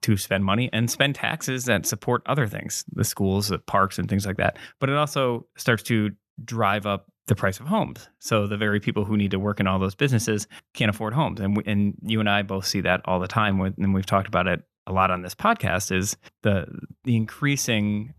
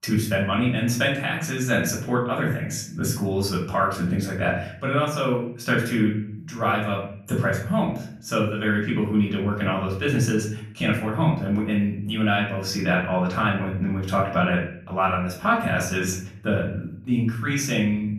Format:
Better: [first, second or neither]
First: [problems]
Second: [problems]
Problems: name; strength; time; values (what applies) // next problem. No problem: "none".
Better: first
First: none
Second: room echo; slight; dies away in 0.5 s // off-mic speech; far